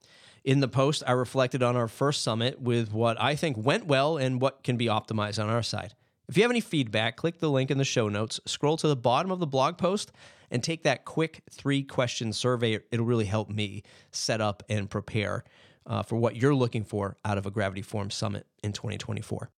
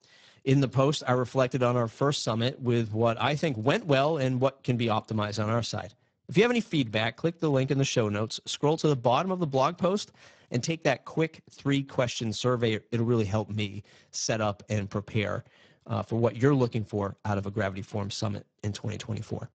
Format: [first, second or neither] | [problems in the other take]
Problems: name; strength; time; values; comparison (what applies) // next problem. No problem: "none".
first | garbled, watery; badly; nothing above 7.5 kHz